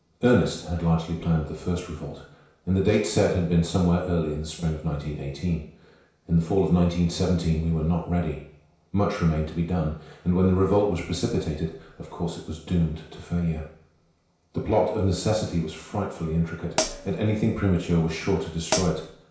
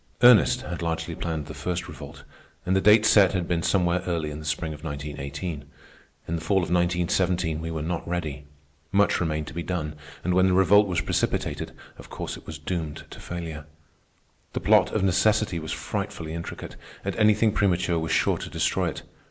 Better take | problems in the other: second | background sound (Hi-hat); 4 dB below the speech // room echo; dies away in 0.6 s

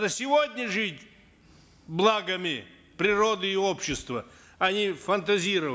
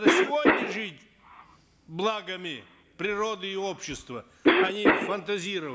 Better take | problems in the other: first | background sound (Cough); 4 dB above the speech

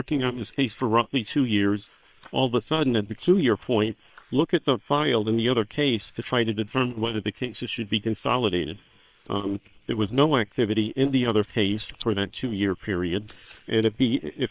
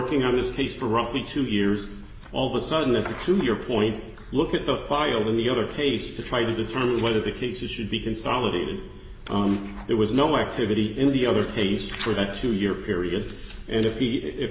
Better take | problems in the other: second | noise reduction (neural separator model SepFormer WHAM!)

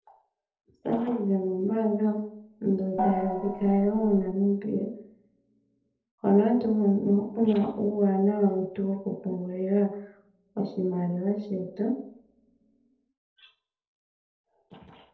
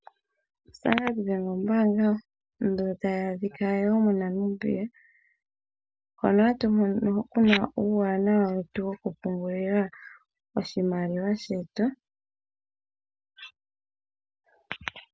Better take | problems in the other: second | noise reduction (neural separator model SepFormer DNS4)

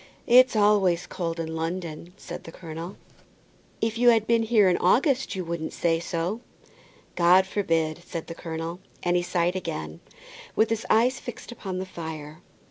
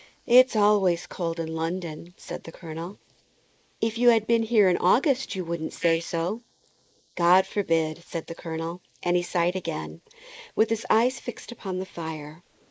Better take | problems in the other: first | noise reduction (neural mask model Resemble Enhance denoiser)

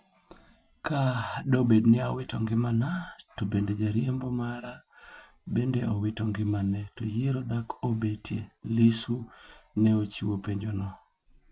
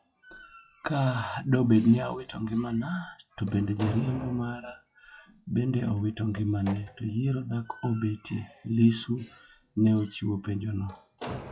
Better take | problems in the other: first | noise reduction (classical method log-MMSE)

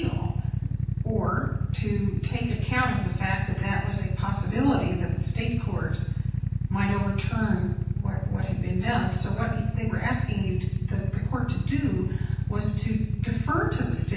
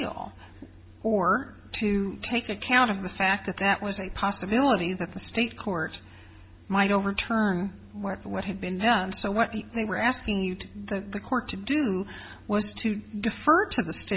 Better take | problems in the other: second | background sound (Idling / Motorcycle); 3 dB above the speech // room echo; dies away in 0.9 s

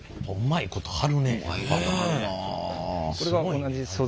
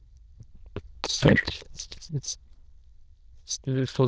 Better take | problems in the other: first | noise reduction (neural diffusion model UNIVERSE++)

